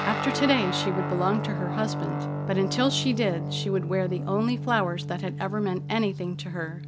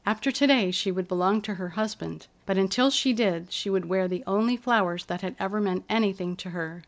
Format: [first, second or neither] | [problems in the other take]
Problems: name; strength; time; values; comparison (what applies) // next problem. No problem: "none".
second | background sound (Guitar); 3 dB below the speech